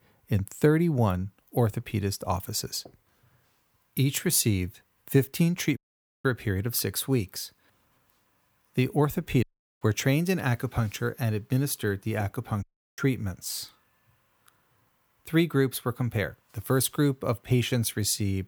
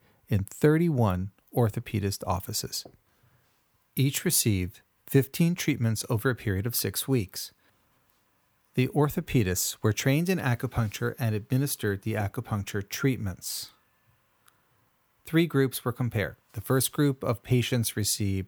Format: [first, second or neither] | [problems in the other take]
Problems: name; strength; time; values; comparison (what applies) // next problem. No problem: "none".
second | audio cutting out; at 6 s, at 9.5 s and at 13 s